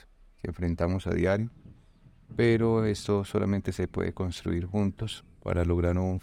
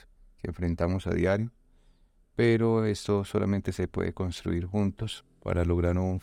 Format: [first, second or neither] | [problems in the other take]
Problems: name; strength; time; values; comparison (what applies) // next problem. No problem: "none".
second | rain or running water; faint; throughout; 20 dB below the speech